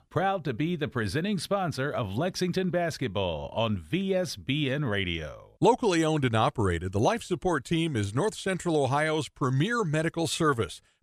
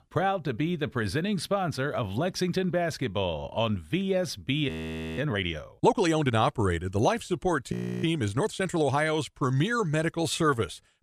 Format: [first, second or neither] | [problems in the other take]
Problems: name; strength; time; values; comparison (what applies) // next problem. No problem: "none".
first | audio freezing; at 4.5 s and at 7.5 s